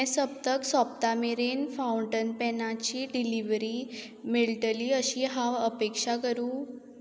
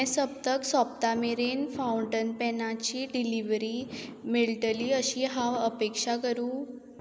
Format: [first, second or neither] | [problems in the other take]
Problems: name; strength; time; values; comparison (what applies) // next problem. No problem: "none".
first | background sound (Fireworks); 19 dB below the speech